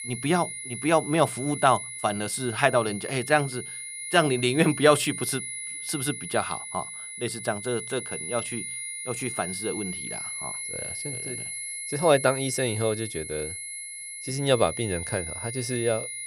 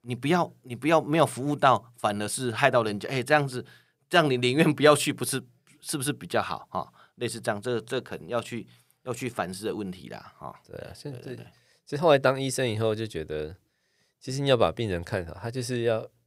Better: second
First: high-pitched whine; loud; throughout; 10.5 kHz, 7 dB below the speech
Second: none

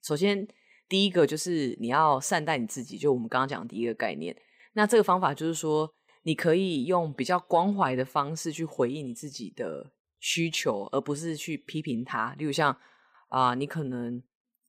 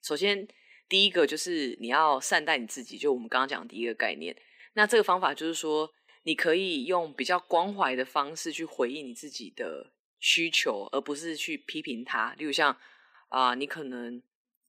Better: first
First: none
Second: thin; very slightly; fading below 250 Hz

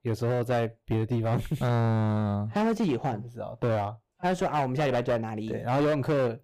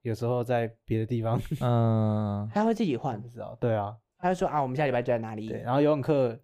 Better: second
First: distortion; slight; 14% of the sound clipped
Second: none

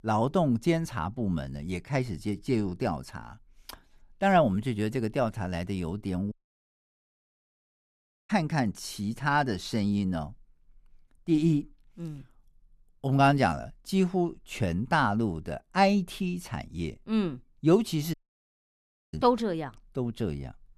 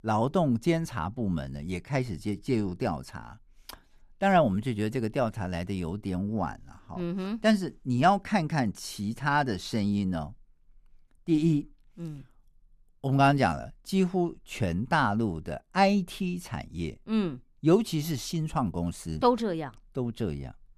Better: second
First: audio cutting out; at 6.5 s for 2 s and at 18 s for 1 s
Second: none

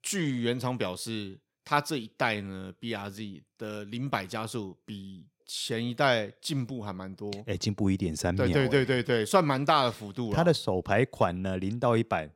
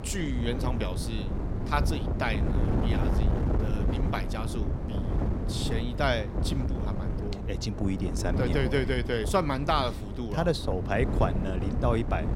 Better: first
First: none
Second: wind noise on the microphone; heavy; 8 dB below the speech

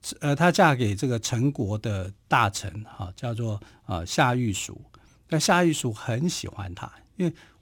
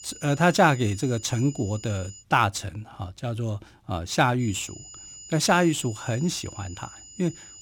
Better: first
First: none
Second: high-pitched whine; noticeable; until 2 s and from 4.5 s on; 7 kHz, 15 dB below the speech

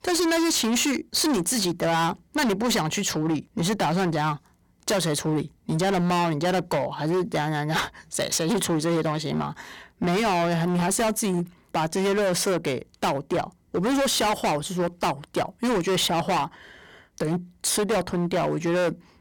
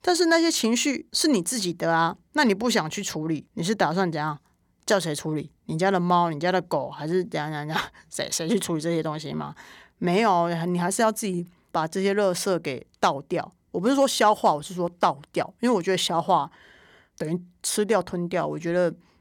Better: second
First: distortion; heavy; 23% of the sound clipped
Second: none

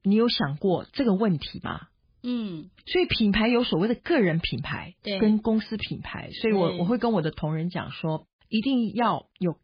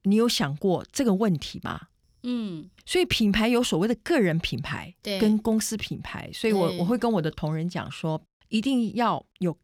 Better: second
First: garbled, watery; badly; nothing above 4.5 kHz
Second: none

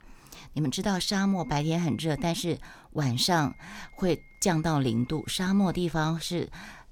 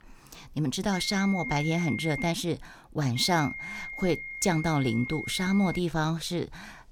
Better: first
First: high-pitched whine; faint; from 1 to 2.5 s and from 3 to 6 s; 2 kHz, 30 dB below the speech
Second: high-pitched whine; loud; from 1 to 2.5 s and from 3 to 6 s; 2 kHz, 8 dB below the speech

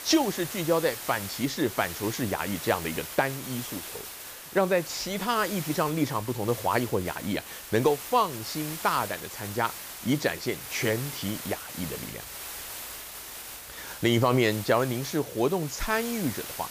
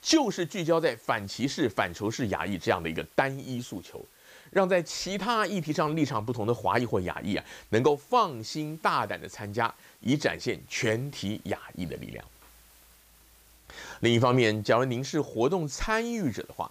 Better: second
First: hiss; loud; throughout; 9 dB below the speech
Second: hiss; faint; throughout; 30 dB below the speech

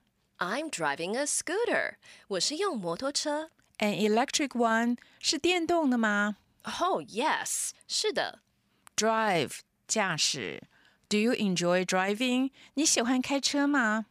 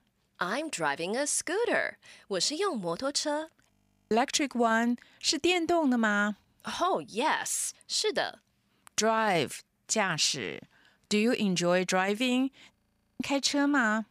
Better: first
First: none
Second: audio freezing; at 3.5 s and at 13 s

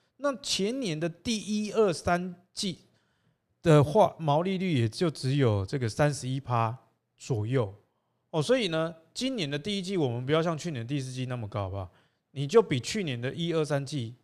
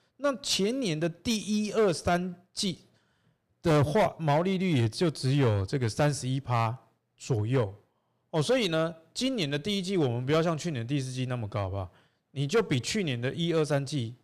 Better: first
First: none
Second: distortion; slight; 4% of the sound clipped

